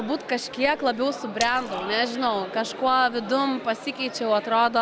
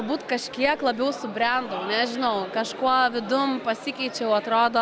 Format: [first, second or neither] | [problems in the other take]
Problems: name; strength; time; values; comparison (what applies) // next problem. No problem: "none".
second | background sound (Splash, splatter); 14 dB below the speech